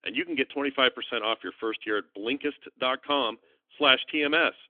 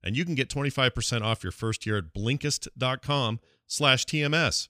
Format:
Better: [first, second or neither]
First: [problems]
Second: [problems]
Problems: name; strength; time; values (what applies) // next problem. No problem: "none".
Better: second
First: phone-call audio; nothing above 3.5 kHz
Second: none